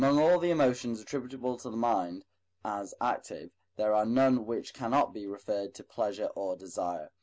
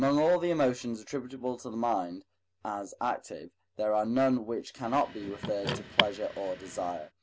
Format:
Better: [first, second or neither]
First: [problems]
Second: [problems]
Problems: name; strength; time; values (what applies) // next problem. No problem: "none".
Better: first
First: none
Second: background sound (Car); 5 dB below the speech